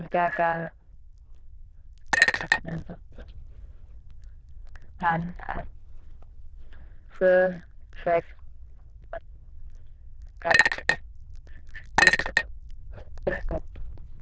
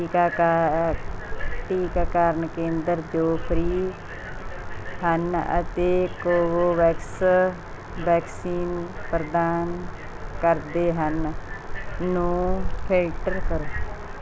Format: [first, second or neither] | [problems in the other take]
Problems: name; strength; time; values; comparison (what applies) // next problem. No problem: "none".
second | noise reduction (neural diffusion model UNIVERSE++)